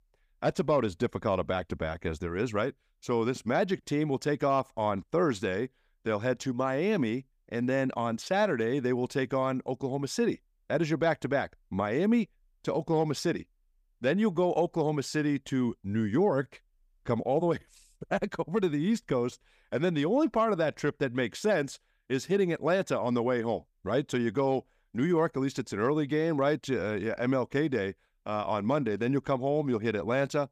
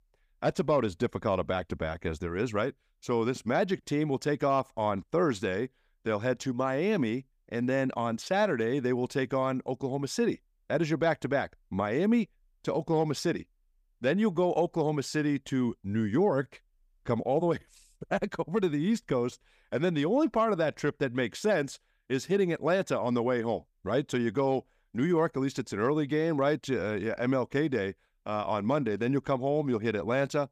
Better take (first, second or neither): neither